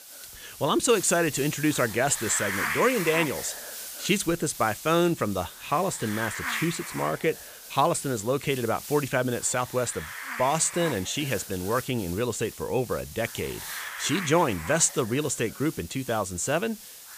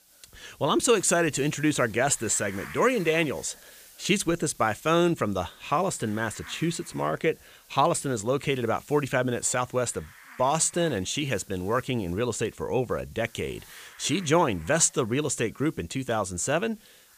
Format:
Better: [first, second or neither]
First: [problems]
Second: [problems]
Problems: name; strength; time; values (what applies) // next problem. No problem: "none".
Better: second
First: hiss; loud; throughout; 9 dB below the speech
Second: hiss; faint; throughout; 25 dB below the speech